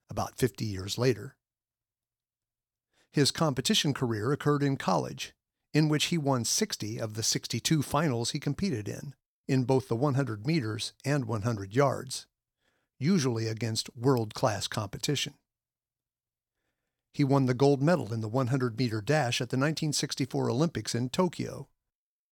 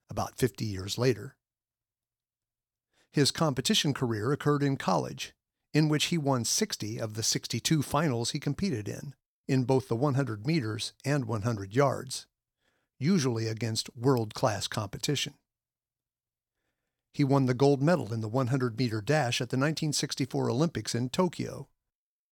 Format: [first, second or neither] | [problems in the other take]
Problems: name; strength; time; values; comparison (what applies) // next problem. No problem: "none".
neither | none